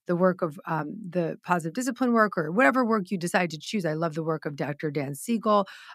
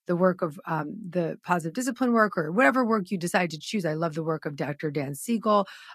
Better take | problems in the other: first | garbled, watery; slightly; nothing above 15.5 kHz

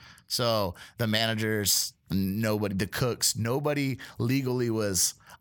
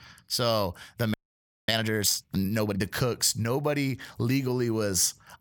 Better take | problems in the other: first | audio freezing; at 1 s for 0.5 s

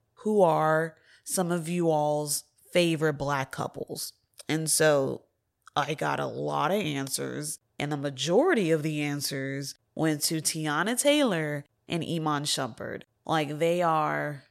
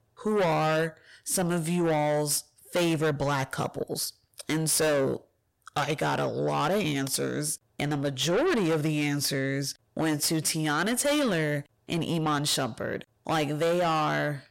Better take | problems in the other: first | distortion; heavy; 7 dB below the speech

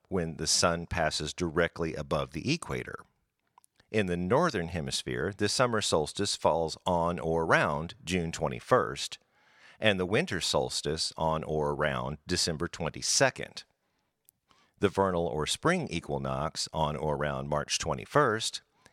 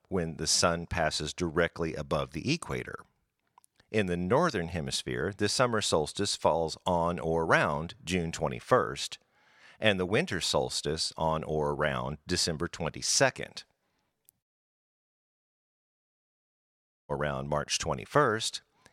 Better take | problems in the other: first | audio cutting out; at 14 s for 2.5 s

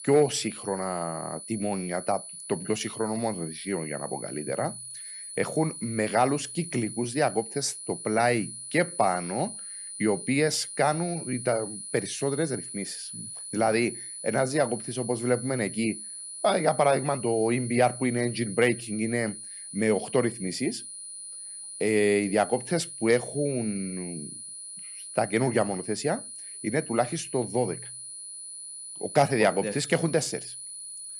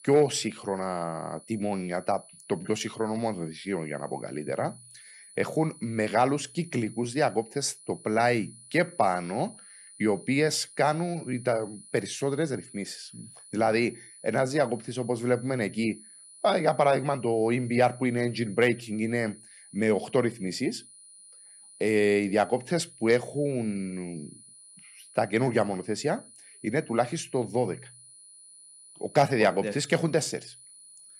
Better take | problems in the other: second | high-pitched whine; loud; throughout; 10 kHz, 9 dB below the speech; faint in the second

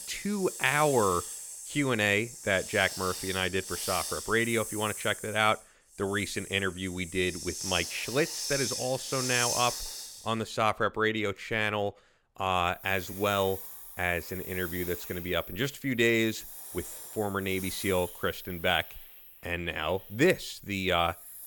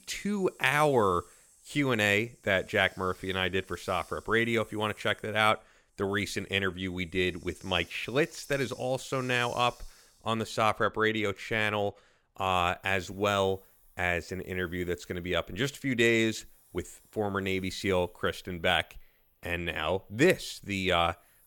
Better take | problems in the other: second | hiss; loud; throughout; 7 dB below the speech; faint in the second

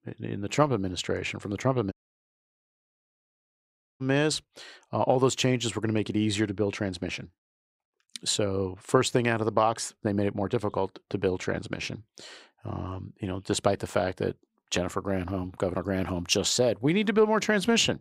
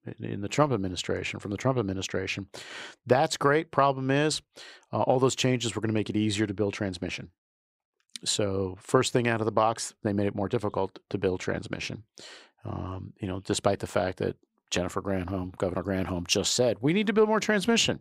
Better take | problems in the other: second | audio cutting out; at 2 s for 2 s

